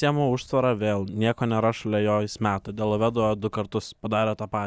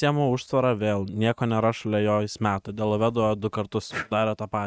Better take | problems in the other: first | noise reduction (neural mask model RNNoise)

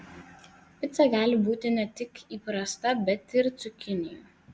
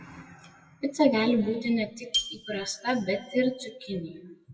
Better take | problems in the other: first | noise reduction (classical method WPE with log-MMSE)

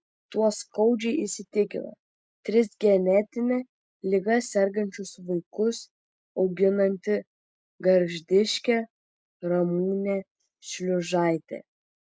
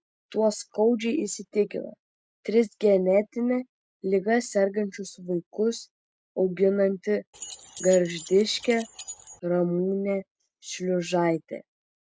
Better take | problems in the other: first | background sound (Keys jangling); 15 dB below the speech

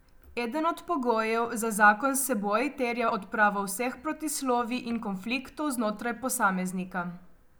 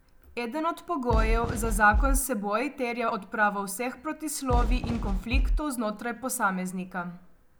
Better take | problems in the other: first | background sound (Fireworks); 2 dB above the speech

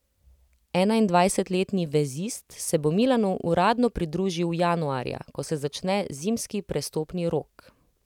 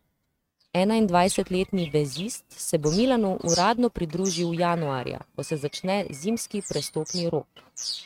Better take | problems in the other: first | noise reduction (neural mask model RNNoise)

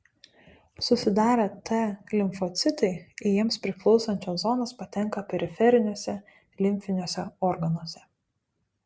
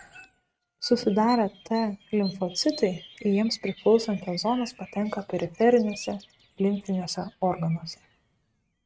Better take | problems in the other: first | noise reduction (neural mask model RNNoise)

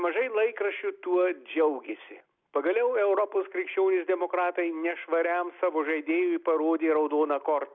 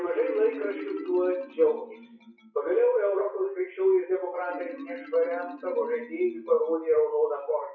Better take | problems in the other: first | noise reduction (classical method WPE with log-MMSE)

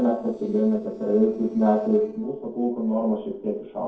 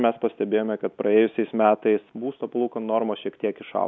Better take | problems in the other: second | noise reduction (neural separator model SepFormer DNS4)

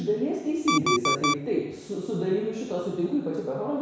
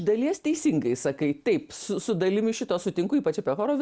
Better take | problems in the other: second | background sound (Alarm); 1 dB below the speech // room echo; dies away in 1.1 s

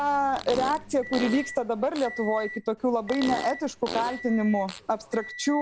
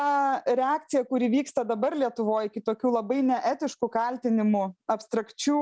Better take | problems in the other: second | background sound (Fart + Microwave oven); 11 dB below the speech

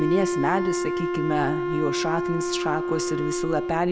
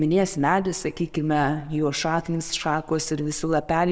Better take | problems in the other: second | background sound (Wind instrument, woodwind instrument); as loud as the speech

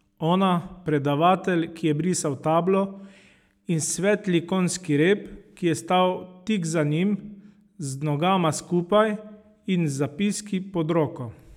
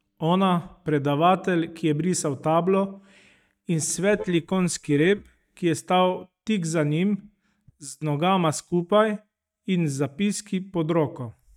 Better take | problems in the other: first | noise reduction (neural mask model DeepFilterNet 3)

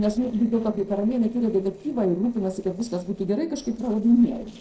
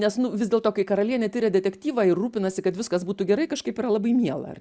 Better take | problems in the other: second | noise reduction (neural separator model SepFormer DNS4)

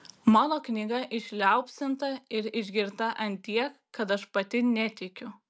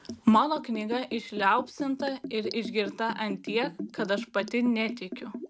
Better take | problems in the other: first | background sound (Liquid); 11 dB below the speech

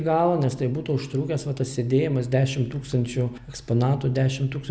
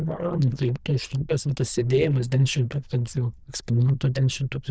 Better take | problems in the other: first | noise reduction (neural diffusion model UNIVERSE++)

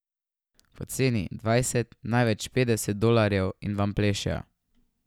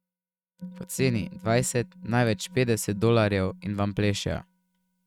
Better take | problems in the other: first | noise reduction (neural mask model RNNoise)

